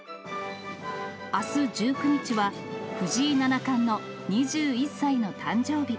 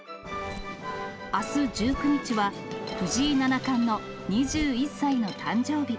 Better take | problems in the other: first | background sound (Coin (dropping) + Zipper (clothing)); 15 dB below the speech

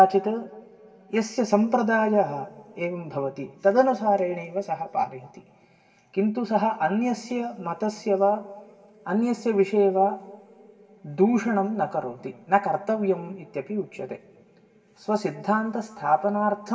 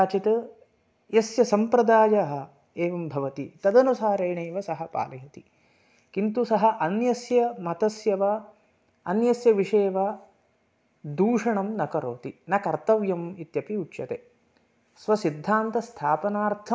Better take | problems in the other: second | room echo; dies away in 2.7 s

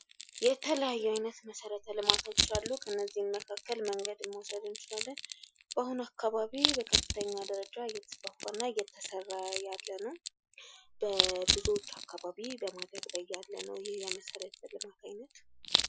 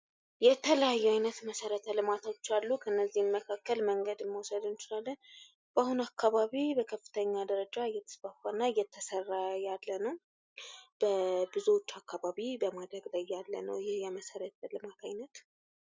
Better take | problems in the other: second | noise reduction (classical method Wiener filter)

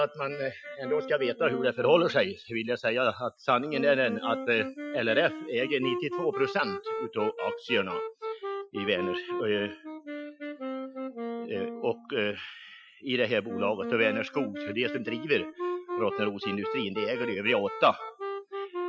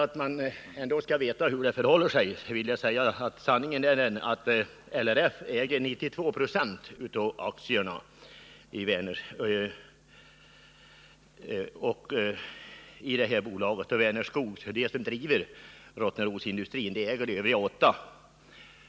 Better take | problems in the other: second | noise reduction (classical method Wiener filter)

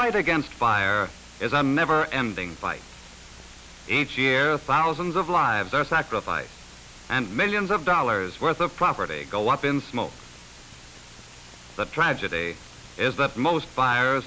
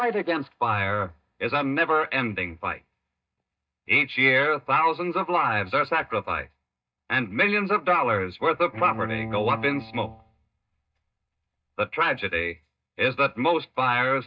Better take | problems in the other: first | noise reduction (neural mask model DeepFilterNet 3)

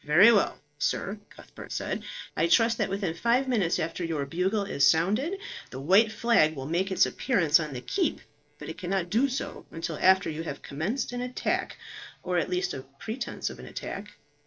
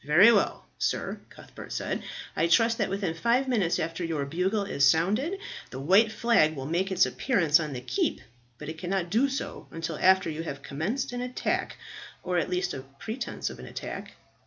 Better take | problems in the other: second | noise reduction (neural separator model SepFormer DNS4)

